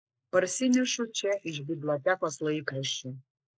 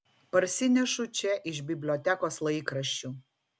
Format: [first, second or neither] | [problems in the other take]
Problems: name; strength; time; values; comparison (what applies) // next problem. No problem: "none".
second | noise reduction (neural mask model Resemble Enhance denoiser)